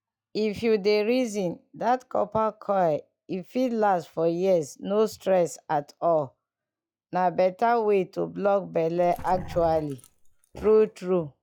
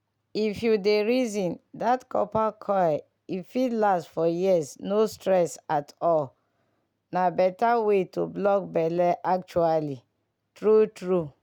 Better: second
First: noise reduction (classical method log-MMSE)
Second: none

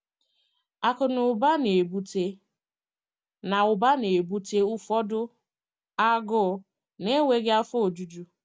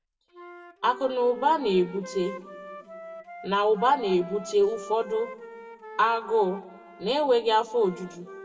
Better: first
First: none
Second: background sound (Wind instrument, woodwind instrument); 17 dB below the speech // room echo; dies away in 1.3 s

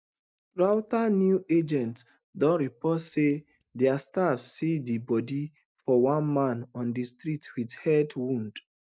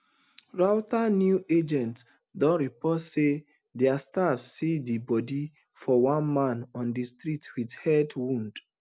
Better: second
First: noise reduction (neural mask model DeepFilterNet 3)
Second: none

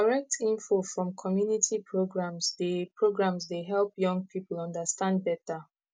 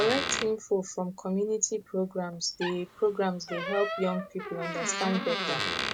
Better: first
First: none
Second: background sound (Door); 5 dB below the speech

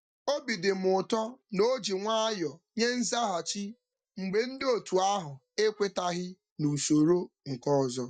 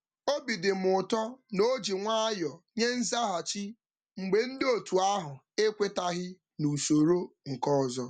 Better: second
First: noise reduction (neural mask model DeepFilterNet 3)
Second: none

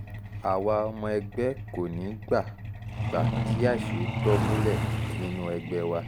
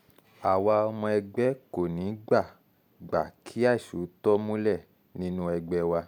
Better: second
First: background sound (Truck); 1 dB below the speech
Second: none

